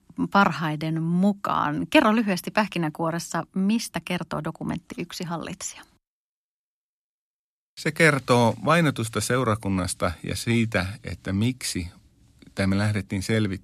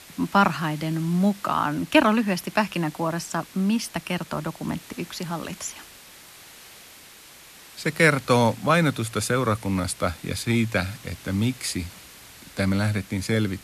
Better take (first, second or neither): first